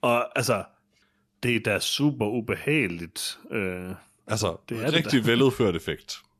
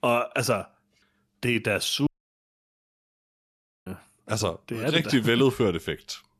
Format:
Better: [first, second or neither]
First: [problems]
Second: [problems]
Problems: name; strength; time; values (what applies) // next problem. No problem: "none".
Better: first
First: none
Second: audio cutting out; at 2 s for 2 s